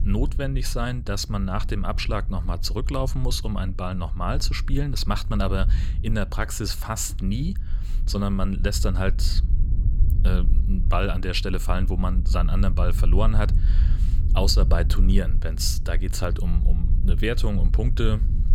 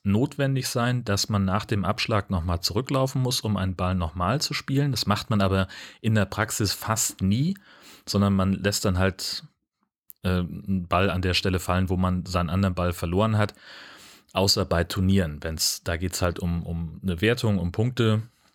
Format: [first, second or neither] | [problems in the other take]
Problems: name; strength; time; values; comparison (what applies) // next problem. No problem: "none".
second | wind noise on the microphone; occasional gusts; 15 dB below the speech